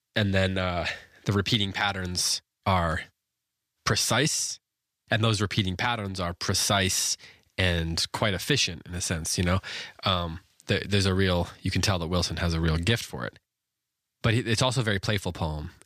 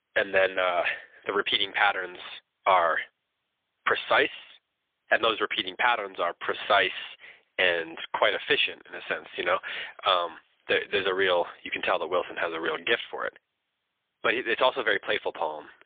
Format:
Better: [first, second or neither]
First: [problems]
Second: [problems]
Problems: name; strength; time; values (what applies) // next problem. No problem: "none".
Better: first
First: none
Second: phone-call audio; poor line; nothing above 3.5 kHz